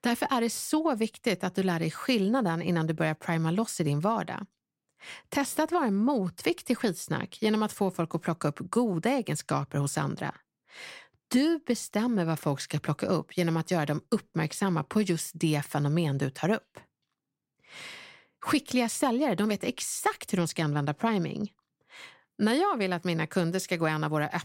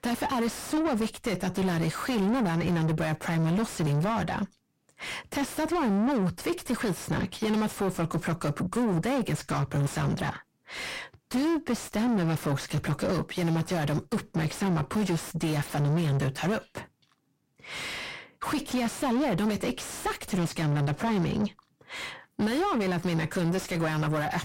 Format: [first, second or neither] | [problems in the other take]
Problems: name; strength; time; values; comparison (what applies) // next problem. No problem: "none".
first | distortion; heavy; 5 dB below the speech